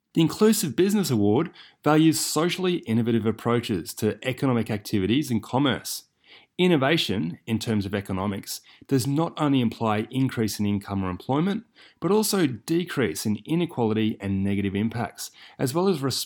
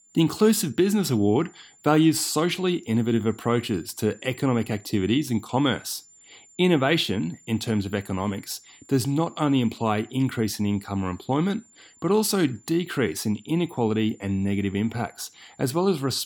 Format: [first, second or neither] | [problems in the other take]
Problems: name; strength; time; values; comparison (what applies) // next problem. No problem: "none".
first | high-pitched whine; faint; throughout; 7 kHz, 30 dB below the speech